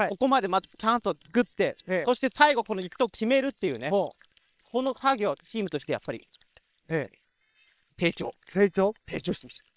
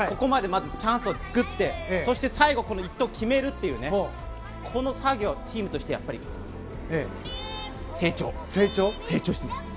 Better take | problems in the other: second | noise reduction (neural separator model SepFormer WHAM!)

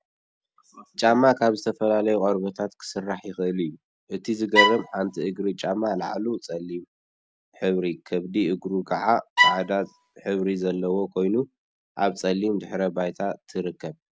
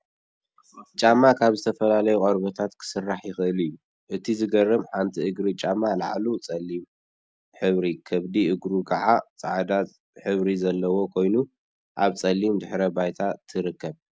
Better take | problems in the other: second | background sound (Bowed string instrument); 2 dB above the speech

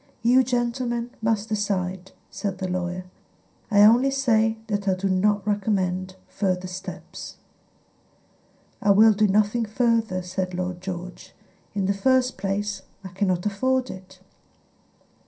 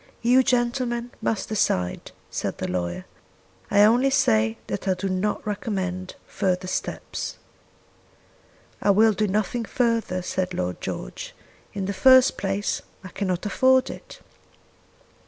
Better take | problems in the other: second | room echo; dies away in 0.3 s

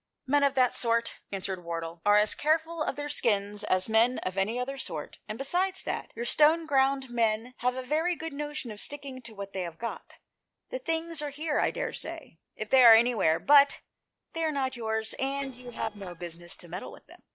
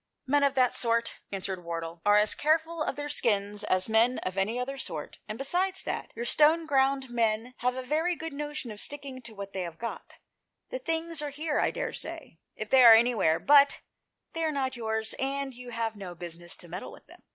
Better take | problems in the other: second | noise reduction (neural separator model SepFormer DNS4)

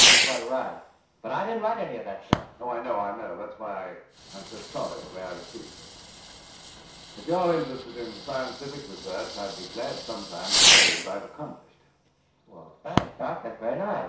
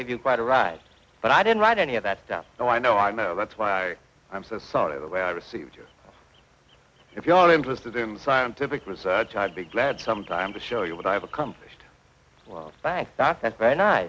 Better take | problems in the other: second | background sound (Fireworks); 5 dB above the speech // room echo; dies away in 0.6 s

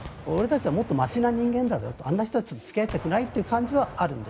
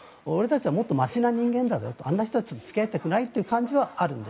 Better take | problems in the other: second | background sound (Gunshot, gunfire); 15 dB below the speech

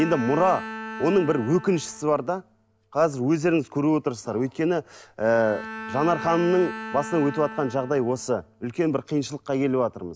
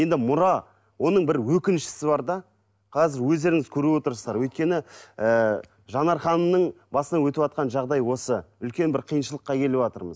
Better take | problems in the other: second | background sound (Bowed string instrument); 14 dB below the speech

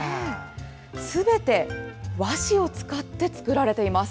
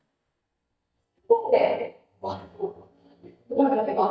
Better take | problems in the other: first | noise reduction (neural mask model DeepFilterNet 3)

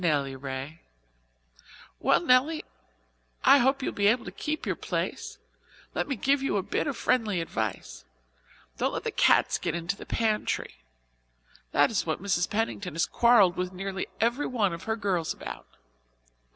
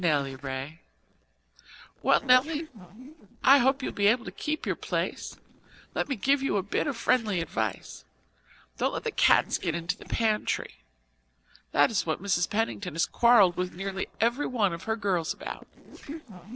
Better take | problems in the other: first | noise reduction (neural separator model SepFormer DNS4)

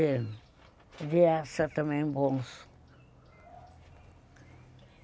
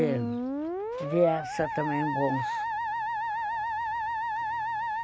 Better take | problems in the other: first | background sound (Musical instrument); 1 dB above the speech

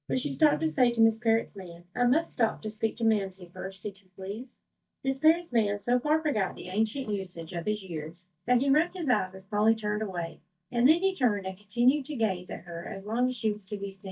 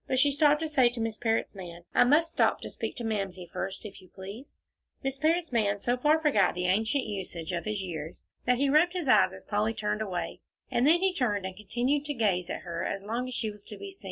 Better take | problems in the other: second | noise reduction (neural mask model DeepFilterNet 3)

